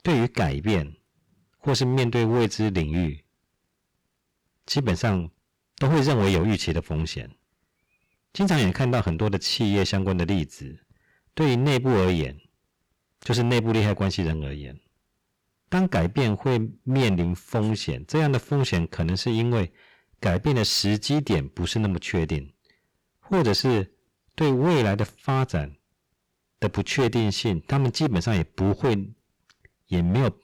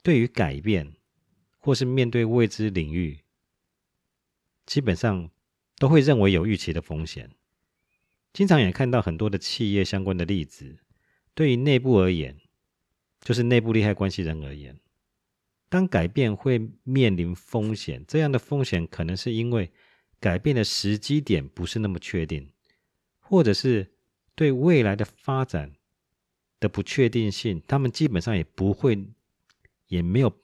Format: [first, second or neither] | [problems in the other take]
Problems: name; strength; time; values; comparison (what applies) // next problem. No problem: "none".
second | distortion; heavy; 13% of the sound clipped